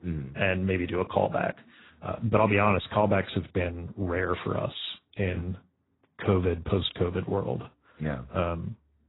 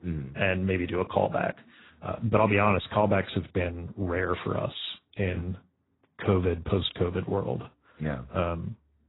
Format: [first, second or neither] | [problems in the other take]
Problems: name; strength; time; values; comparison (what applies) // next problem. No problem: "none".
neither | garbled, watery; badly; nothing above 4 kHz; the same in both